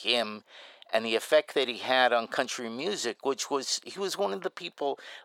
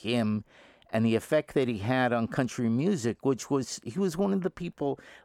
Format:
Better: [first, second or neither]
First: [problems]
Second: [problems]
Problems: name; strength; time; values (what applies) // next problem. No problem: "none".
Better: second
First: thin; very; fading below 600 Hz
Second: none